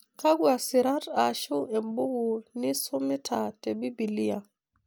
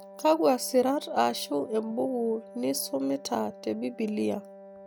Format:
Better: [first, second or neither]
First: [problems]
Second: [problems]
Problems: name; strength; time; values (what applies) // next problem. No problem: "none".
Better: first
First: none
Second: background sound (Wind instrument, woodwind instrument); 18 dB below the speech